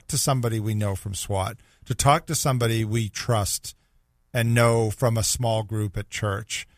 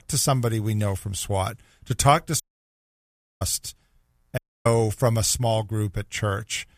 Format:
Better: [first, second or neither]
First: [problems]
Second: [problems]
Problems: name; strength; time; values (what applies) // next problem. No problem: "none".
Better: first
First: none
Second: audio cutting out; at 2.5 s for 1 s and at 4.5 s